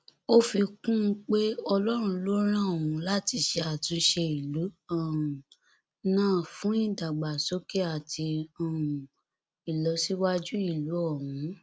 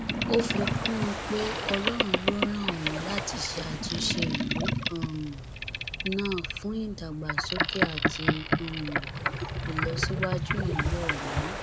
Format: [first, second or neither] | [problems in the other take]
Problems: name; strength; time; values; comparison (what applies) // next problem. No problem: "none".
first | background sound (Boat, Water vehicle); 3 dB above the speech